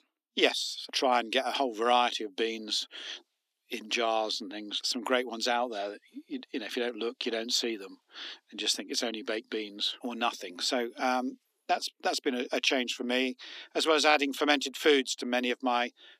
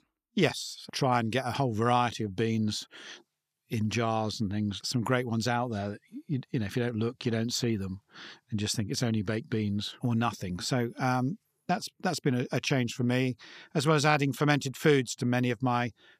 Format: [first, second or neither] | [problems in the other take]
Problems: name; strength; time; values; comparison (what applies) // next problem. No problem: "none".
second | thin; somewhat; fading below 250 Hz